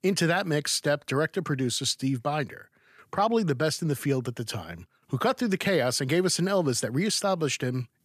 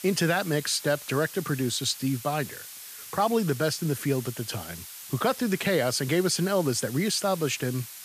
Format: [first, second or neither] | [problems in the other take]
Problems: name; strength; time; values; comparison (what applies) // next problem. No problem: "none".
first | hiss; noticeable; throughout; 15 dB below the speech